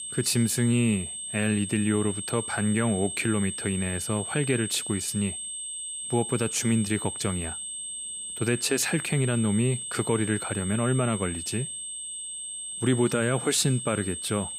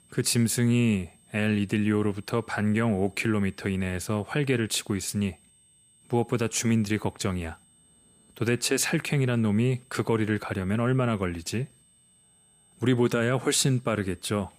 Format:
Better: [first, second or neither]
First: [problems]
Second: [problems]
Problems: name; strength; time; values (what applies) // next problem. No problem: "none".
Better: second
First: high-pitched whine; loud; throughout; 8.5 kHz, 6 dB below the speech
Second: high-pitched whine; faint; throughout; 8.5 kHz, 30 dB below the speech